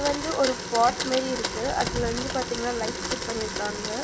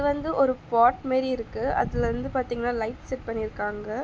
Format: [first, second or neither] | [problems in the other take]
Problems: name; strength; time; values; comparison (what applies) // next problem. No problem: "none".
second | background sound (Domestic sounds, home sounds); 4 dB below the speech